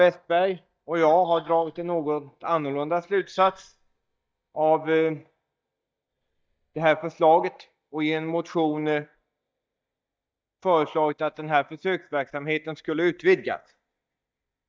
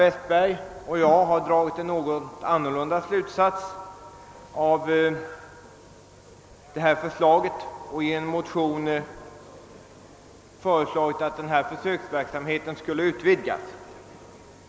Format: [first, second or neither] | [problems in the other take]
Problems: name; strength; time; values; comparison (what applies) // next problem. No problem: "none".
second | noise reduction (neural mask model DeepFilterNet 3)